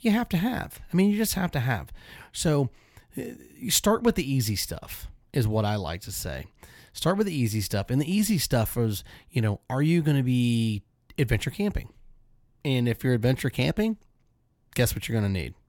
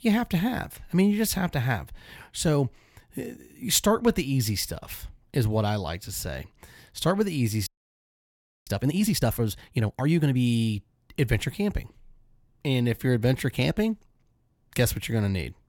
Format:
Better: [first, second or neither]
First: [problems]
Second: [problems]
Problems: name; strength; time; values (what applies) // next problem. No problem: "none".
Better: first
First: none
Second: audio freezing; at 7.5 s for 1 s